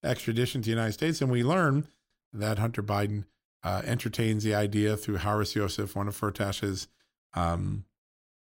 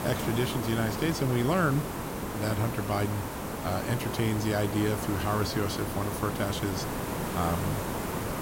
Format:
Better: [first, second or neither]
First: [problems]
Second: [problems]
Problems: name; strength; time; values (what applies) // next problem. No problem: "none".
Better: first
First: none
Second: hiss; loud; throughout; 3 dB below the speech